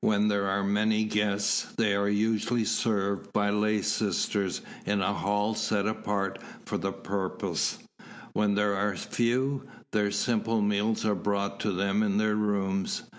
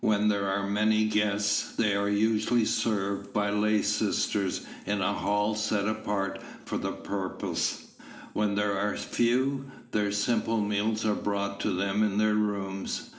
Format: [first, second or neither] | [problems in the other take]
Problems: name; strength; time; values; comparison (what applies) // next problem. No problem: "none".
first | room echo; dies away in 1.1 s